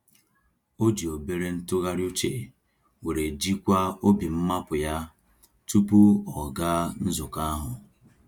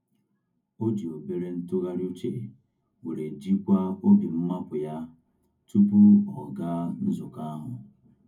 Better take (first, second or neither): first